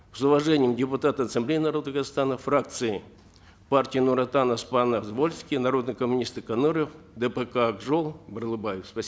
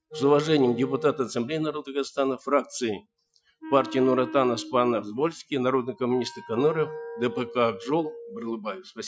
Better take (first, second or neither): first